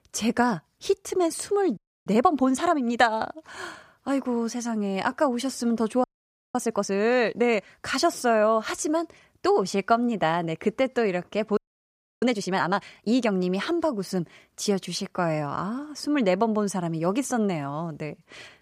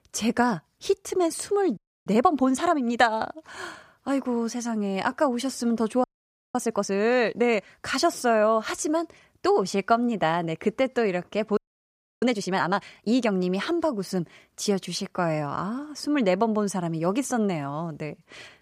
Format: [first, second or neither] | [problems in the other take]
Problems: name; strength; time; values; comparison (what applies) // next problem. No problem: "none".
neither | audio freezing; at 2 s, at 6 s for 0.5 s and at 12 s for 0.5 s; the same in both